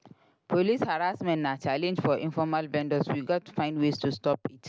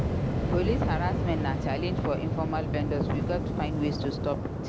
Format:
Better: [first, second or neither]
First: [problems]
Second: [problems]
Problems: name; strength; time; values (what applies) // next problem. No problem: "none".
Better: first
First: none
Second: background sound (Waves, surf); 3 dB above the speech